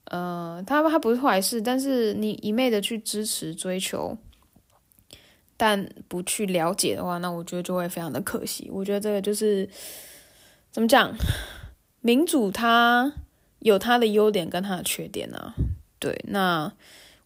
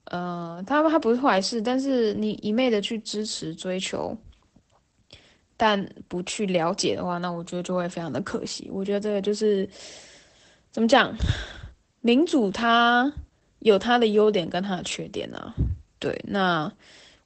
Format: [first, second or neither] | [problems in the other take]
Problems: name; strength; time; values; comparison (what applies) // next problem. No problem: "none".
first | garbled, watery; badly; nothing above 8 kHz